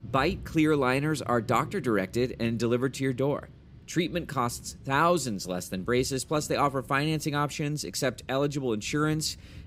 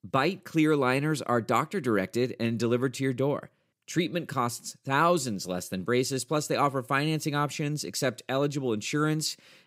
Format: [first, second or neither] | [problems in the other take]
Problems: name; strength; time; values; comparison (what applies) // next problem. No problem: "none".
second | rain or running water; noticeable; throughout; 20 dB below the speech